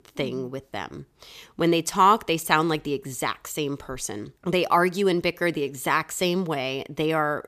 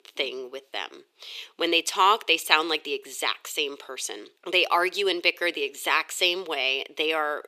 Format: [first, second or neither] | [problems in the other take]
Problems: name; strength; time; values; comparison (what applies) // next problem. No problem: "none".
first | thin; very; fading below 400 Hz